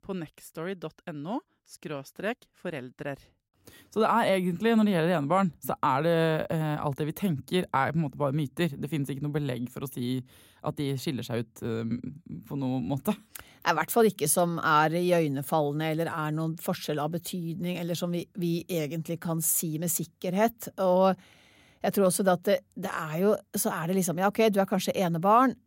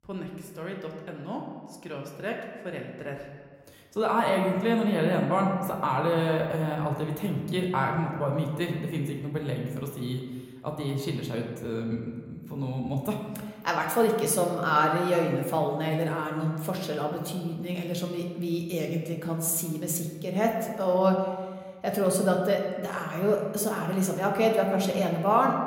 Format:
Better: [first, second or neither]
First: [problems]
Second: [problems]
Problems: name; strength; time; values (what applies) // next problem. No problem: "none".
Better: first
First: none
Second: room echo; slight; dies away in 1.3 s